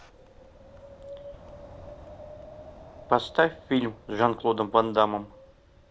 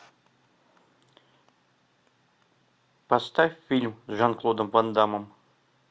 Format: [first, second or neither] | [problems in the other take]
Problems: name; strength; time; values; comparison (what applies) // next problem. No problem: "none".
second | background sound (Wind); 18 dB below the speech